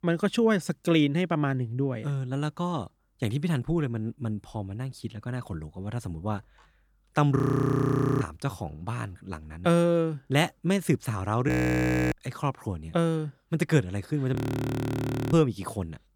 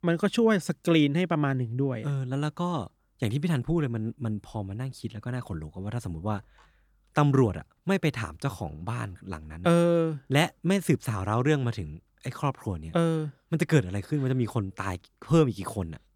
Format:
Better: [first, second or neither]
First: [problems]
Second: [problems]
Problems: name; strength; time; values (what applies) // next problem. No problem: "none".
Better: second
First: audio freezing; at 7.5 s for 1 s, at 11 s for 0.5 s and at 14 s for 1 s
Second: none